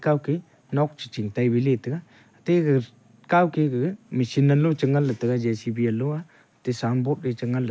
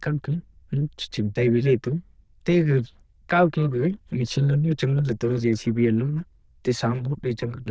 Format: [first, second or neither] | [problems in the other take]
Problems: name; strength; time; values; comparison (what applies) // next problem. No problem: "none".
first | noise reduction (neural diffusion model UNIVERSE++)